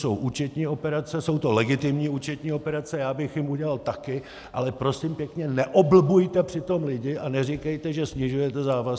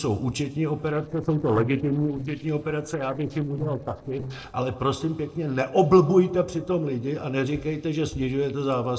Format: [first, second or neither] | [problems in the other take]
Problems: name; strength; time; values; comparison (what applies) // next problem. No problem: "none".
first | noise reduction (neural separator model SepFormer DNS4)